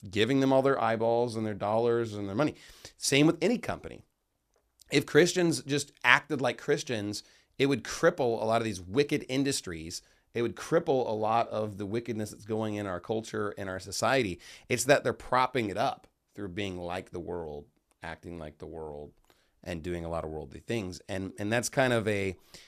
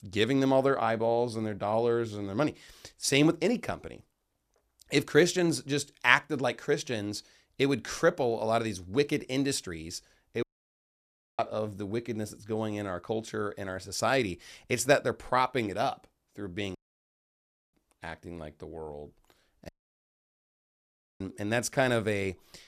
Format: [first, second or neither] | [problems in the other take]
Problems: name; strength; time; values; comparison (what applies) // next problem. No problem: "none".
first | audio cutting out; at 10 s for 1 s, at 17 s for 1 s and at 20 s for 1.5 s